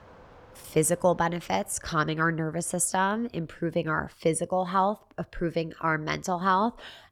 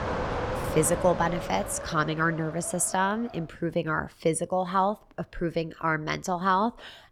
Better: first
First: wind in the background; faint; throughout; 30 dB below the speech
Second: wind in the background; loud; throughout; 7 dB below the speech

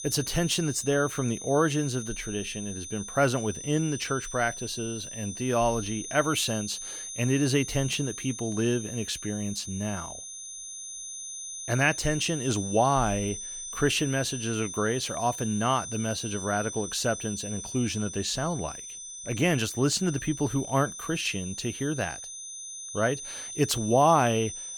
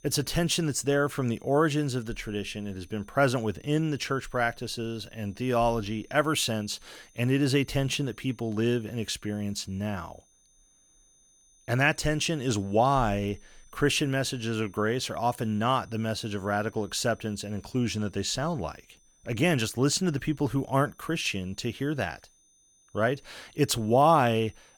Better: second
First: high-pitched whine; loud; throughout; 6 kHz, 8 dB below the speech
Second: high-pitched whine; faint; throughout; 6 kHz, 30 dB below the speech

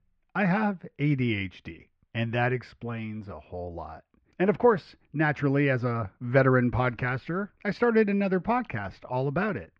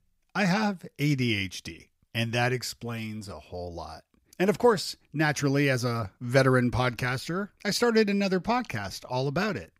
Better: second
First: muffled; very; fading above 2.5 kHz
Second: none

